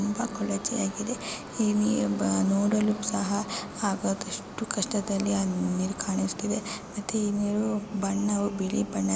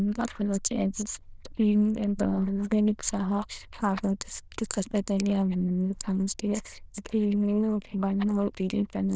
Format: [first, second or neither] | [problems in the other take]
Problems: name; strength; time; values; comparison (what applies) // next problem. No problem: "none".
first | noise reduction (neural diffusion model UNIVERSE++)